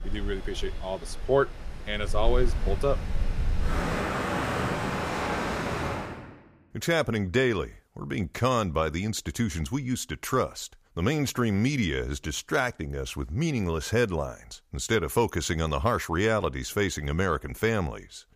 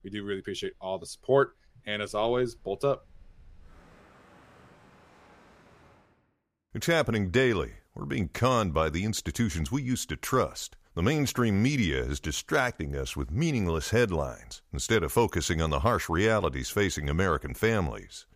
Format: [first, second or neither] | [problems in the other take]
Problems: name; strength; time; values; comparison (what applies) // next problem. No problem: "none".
second | rain or running water; loud; until 6 s; 3 dB below the speech; faint in the second